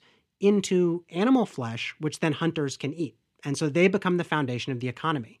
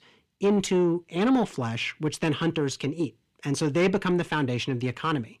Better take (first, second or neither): first